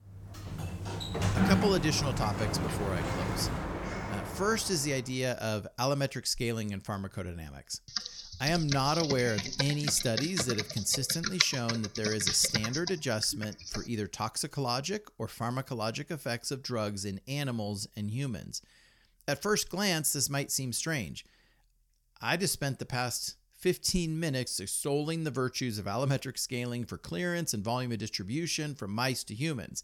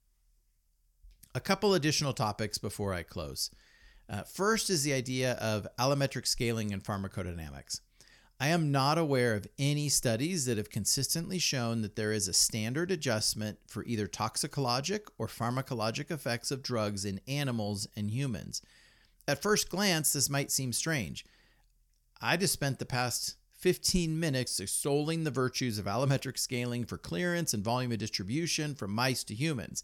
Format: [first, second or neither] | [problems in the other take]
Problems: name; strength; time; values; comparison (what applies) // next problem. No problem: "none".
second | door banging; loud; until 4.5 s; peak 5 dB above the speech // keyboard typing; loud; from 8 to 14 s; peak 4 dB above the speech